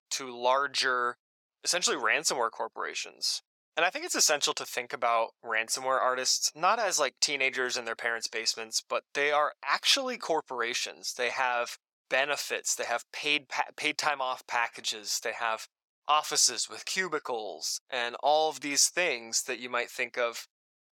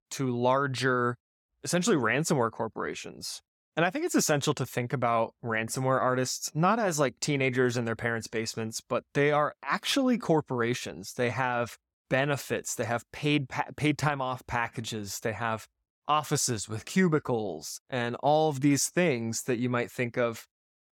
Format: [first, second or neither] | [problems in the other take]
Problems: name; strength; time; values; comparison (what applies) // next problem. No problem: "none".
second | thin; very; fading below 650 Hz